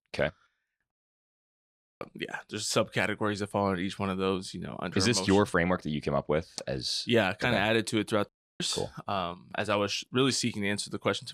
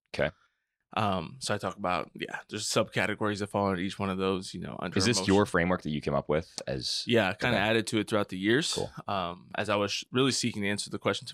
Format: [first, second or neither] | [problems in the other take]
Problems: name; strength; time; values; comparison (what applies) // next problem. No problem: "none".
second | audio cutting out; at 1 s for 1 s and at 8.5 s